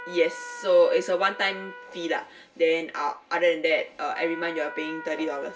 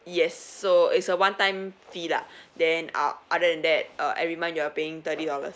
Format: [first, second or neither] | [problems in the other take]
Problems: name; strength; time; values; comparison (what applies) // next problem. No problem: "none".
second | background sound (Trumpet); 16 dB below the speech // room echo; dies away in 0.2 s